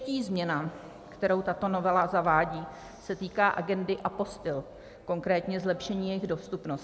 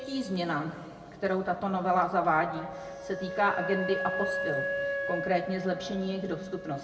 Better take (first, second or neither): first